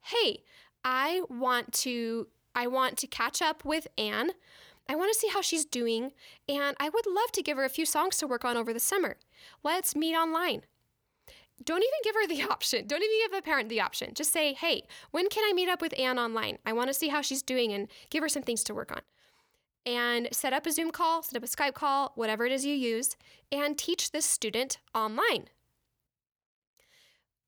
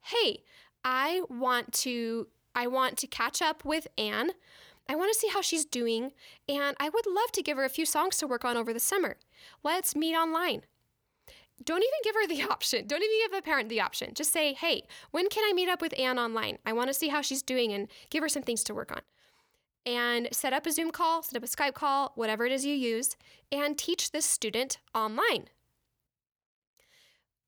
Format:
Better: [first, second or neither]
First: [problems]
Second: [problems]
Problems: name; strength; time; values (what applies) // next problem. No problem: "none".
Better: neither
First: none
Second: none